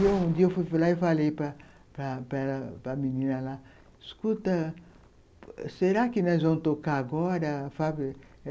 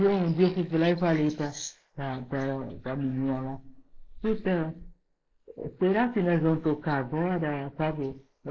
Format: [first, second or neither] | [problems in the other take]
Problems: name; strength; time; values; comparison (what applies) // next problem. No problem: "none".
first | noise reduction (neural mask model Resemble Enhance denoiser)